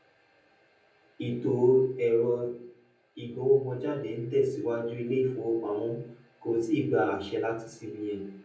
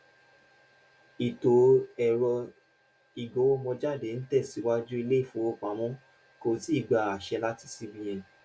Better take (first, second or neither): second